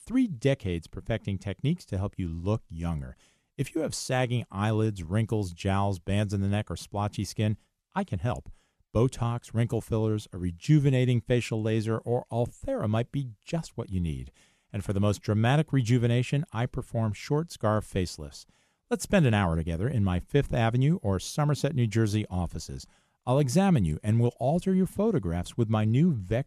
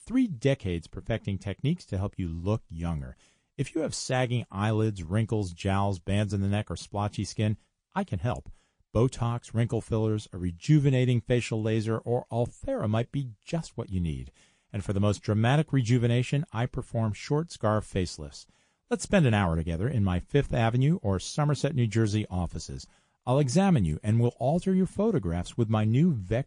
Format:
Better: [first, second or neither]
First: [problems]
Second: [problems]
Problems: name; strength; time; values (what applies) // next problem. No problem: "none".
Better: first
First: none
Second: garbled, watery; slightly